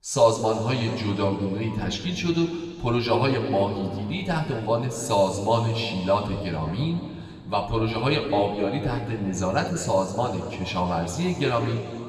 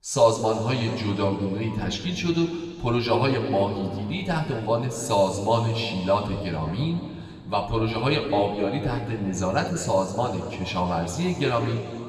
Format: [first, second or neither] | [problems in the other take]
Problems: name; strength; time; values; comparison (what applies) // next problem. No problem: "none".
neither | room echo; noticeable; dies away in 2.4 s; the same in both // off-mic speech; somewhat distant; the same in both